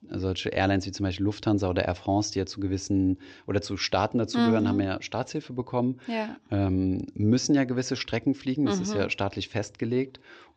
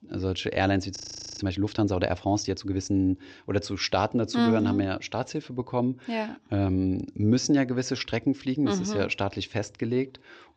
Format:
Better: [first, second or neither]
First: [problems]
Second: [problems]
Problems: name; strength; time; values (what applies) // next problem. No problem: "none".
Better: first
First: none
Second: audio freezing; at 1 s